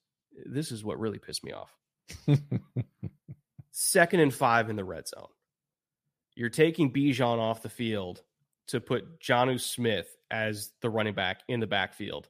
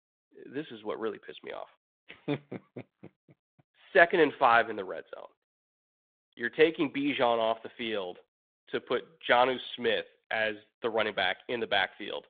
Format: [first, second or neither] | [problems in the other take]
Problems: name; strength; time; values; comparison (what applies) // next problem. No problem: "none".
first | phone-call audio